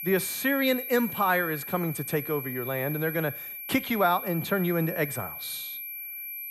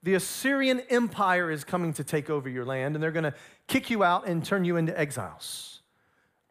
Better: second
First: high-pitched whine; loud; throughout; 11.5 kHz, 7 dB below the speech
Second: none

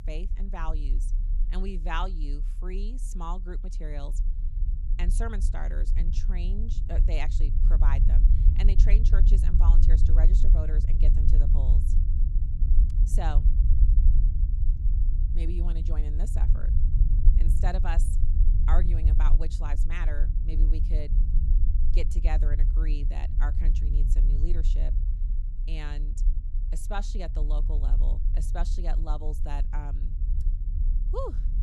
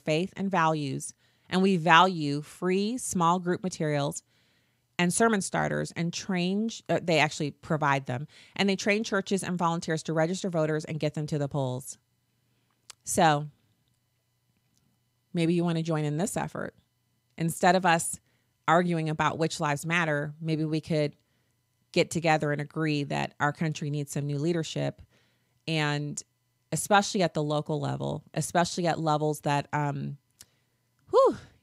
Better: second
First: low rumble; loud; throughout; 7 dB below the speech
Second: none

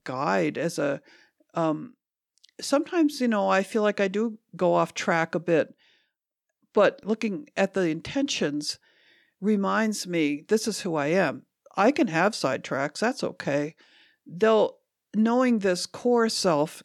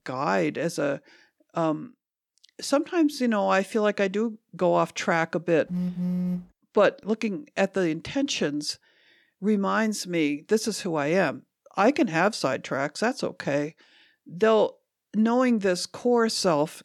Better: first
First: none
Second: phone ringing; noticeable; at 5.5 s; peak 2 dB below the speech

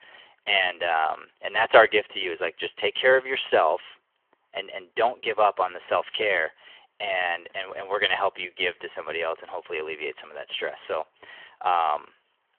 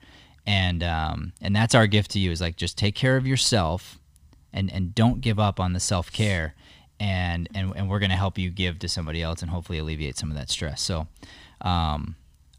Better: second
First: phone-call audio; nothing above 3 kHz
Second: none

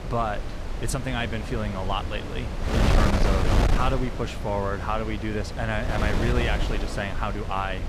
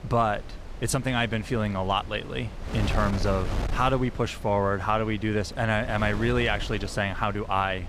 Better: second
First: wind noise on the microphone; heavy; 3 dB below the speech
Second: wind noise on the microphone; occasional gusts; 15 dB below the speech

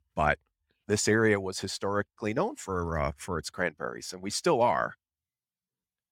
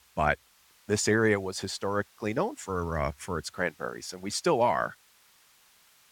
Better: first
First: none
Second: hiss; faint; throughout; 30 dB below the speech

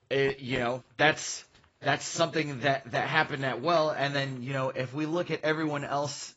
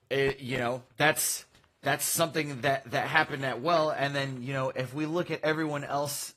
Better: second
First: garbled, watery; badly; nothing above 7.5 kHz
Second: garbled, watery; slightly; nothing above 13 kHz

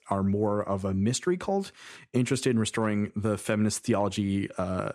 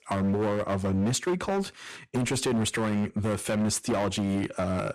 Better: first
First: none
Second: distortion; heavy; 20% of the sound clipped

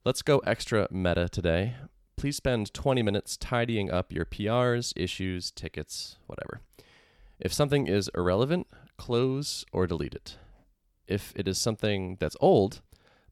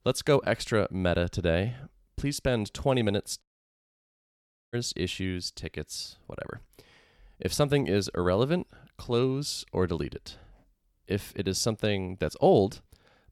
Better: first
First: none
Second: audio cutting out; at 3.5 s for 1.5 s

